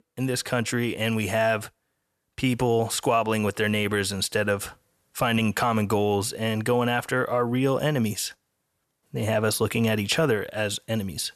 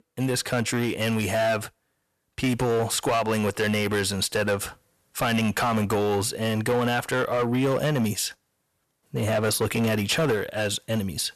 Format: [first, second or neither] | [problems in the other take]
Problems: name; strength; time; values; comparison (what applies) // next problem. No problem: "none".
first | distortion; slight; 10% of the sound clipped